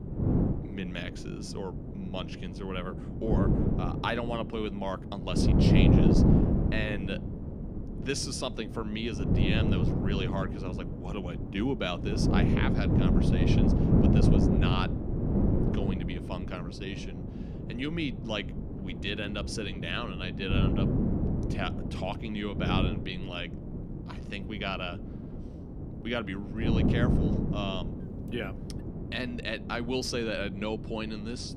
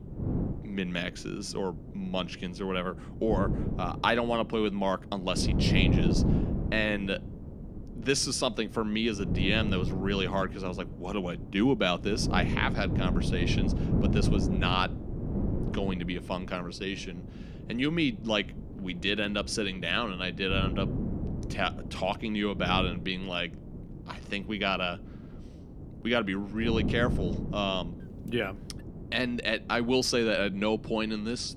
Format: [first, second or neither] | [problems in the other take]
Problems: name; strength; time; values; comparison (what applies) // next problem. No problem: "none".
second | wind noise on the microphone; heavy; 1 dB below the speech; occasional gusts in the second